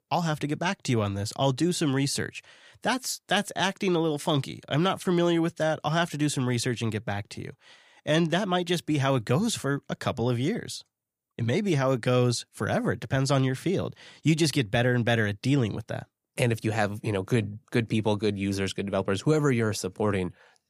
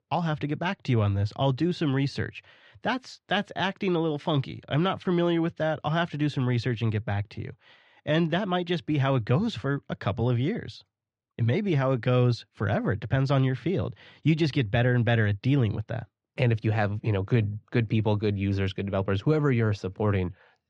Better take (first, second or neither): first